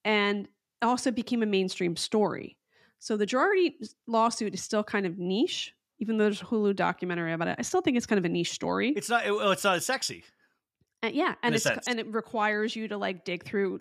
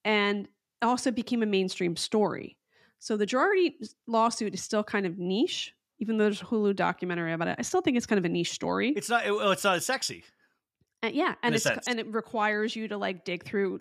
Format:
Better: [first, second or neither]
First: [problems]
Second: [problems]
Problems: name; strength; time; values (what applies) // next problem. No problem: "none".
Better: neither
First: none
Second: none